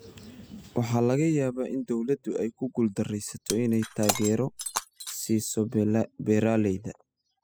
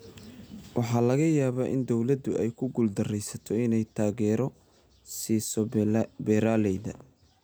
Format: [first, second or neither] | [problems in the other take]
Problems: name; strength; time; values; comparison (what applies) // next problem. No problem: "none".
second | noise reduction (classical method spectral subtraction)